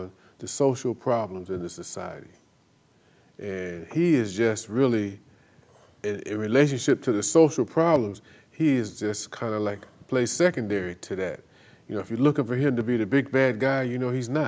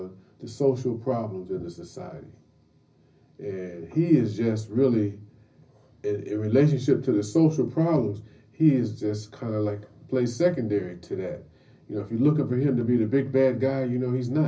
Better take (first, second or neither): first